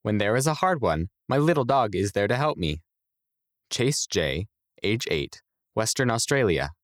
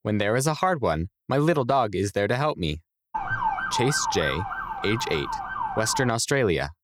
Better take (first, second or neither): first